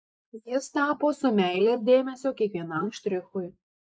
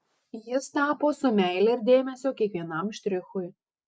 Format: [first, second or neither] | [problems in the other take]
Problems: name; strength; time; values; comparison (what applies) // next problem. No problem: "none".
second | noise reduction (neural mask model Resemble Enhance denoiser)